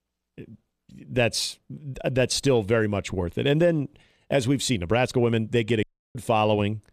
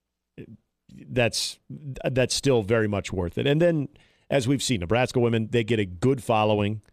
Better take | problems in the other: second | audio cutting out; at 6 s

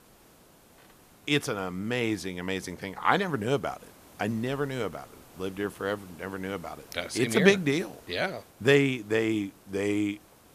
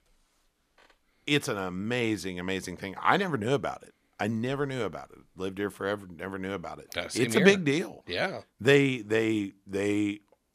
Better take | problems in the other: second | hiss; faint; throughout; 25 dB below the speech

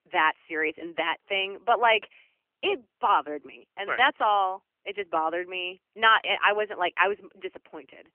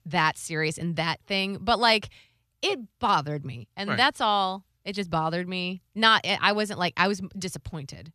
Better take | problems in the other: second | phone-call audio; nothing above 3 kHz

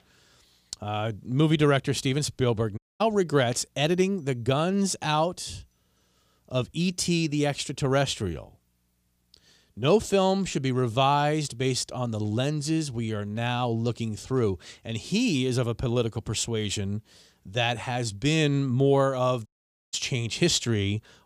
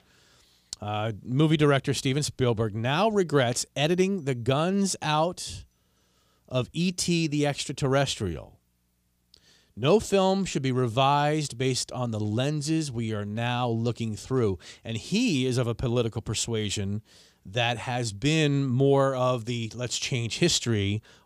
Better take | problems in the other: second | audio cutting out; at 3 s and at 19 s

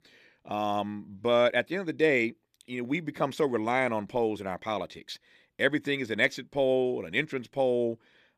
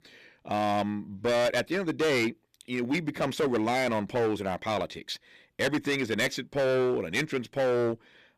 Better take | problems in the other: first | distortion; heavy; 15% of the sound clipped

